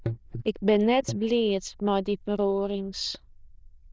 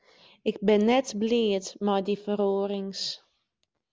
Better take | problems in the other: second | noise reduction (neural diffusion model UNIVERSE++)

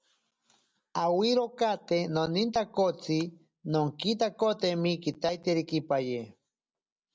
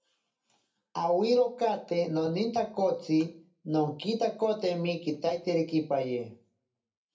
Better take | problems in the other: first | room echo; dies away in 0.3 s

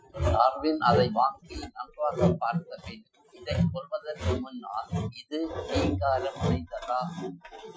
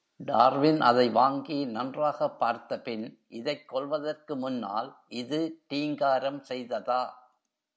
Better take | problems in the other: second | noise reduction (classical method Wiener filter)

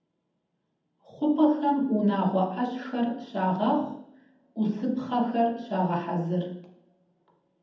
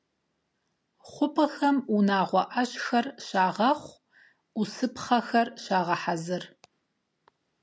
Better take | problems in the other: second | room echo; dies away in 0.8 s

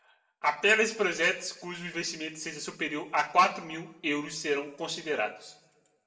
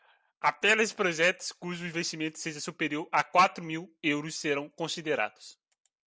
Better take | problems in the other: second | room echo; dies away in 0.6 s

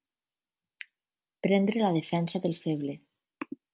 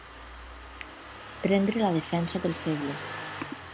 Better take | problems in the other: first | background sound (Engine starting); 10 dB below the speech

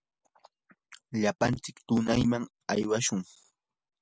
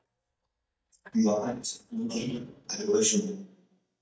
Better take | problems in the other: first | noise reduction (neural mask model DeepFilterNet 3)

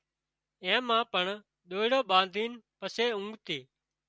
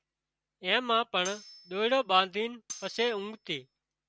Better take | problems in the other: first | background sound (Cutlery, silverware); 17 dB below the speech

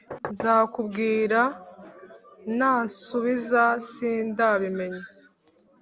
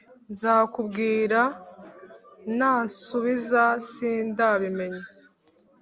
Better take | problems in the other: second | background sound (Knock); 8 dB below the speech

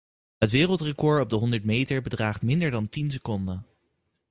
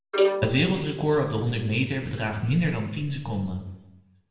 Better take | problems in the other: first | background sound (Bowed string instrument); 3 dB below the speech // room echo; dies away in 0.9 s

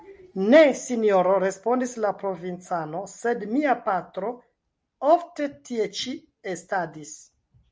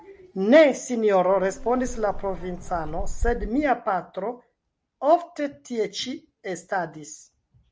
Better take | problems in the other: first | background sound (Insect); 6 dB below the speech

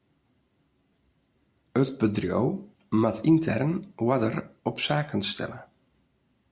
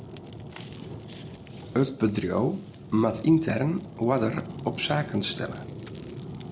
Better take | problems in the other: first | background sound (Fire); 12 dB below the speech

